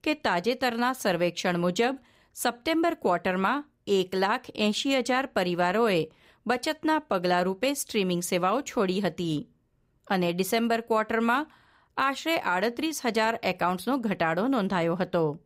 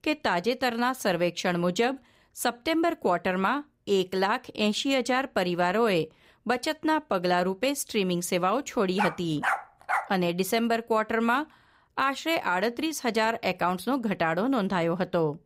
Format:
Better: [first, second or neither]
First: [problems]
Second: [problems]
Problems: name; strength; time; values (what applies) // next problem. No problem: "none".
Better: first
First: none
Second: dog barking; noticeable; from 9 to 10 s; peak 2 dB below the speech